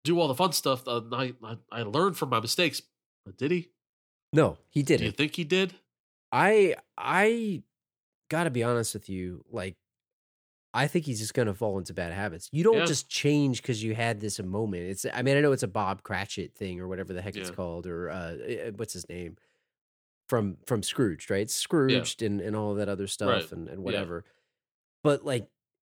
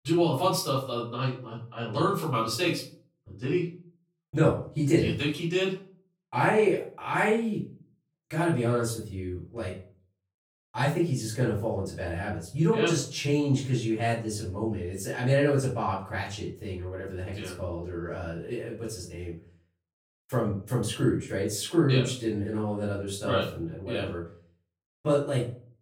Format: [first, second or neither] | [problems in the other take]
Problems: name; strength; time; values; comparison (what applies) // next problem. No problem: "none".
first | room echo; slight; dies away in 0.4 s // off-mic speech; far